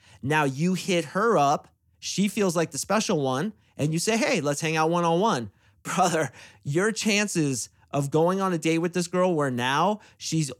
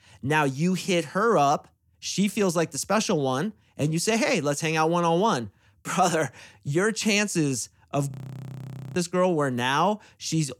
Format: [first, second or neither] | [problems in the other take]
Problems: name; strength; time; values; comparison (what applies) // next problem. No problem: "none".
first | audio freezing; at 8 s for 1 s